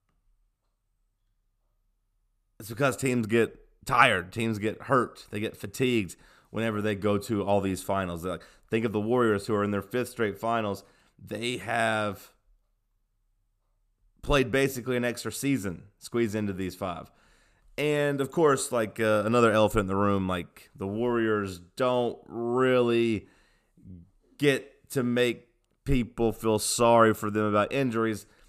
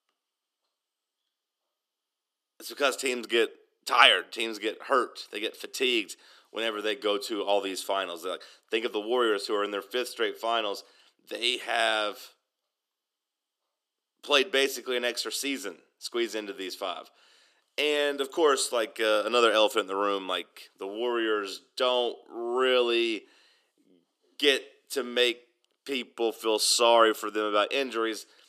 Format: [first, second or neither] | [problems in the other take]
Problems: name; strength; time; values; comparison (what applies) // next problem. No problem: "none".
first | thin; somewhat; fading below 300 Hz